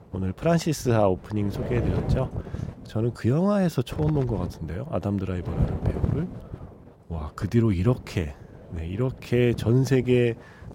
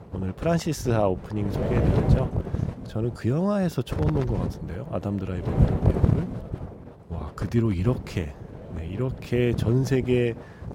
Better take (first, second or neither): first